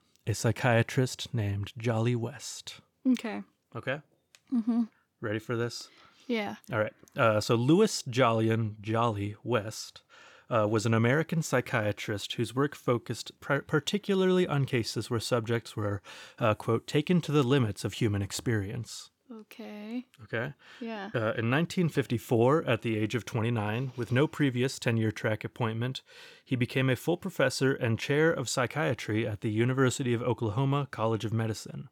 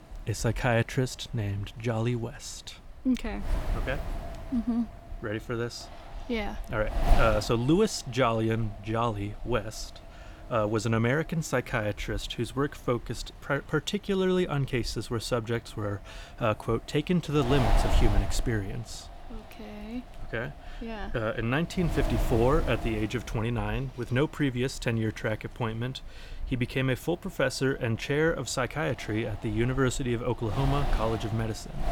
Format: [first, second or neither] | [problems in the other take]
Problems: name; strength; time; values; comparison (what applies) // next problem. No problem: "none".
first | wind noise on the microphone; heavy; 9 dB below the speech